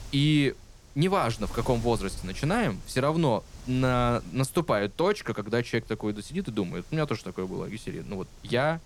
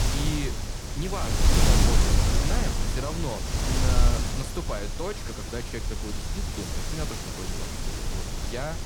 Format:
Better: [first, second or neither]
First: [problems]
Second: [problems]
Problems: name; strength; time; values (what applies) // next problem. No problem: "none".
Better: first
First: wind noise on the microphone; occasional gusts; 20 dB below the speech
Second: wind noise on the microphone; heavy; 4 dB above the speech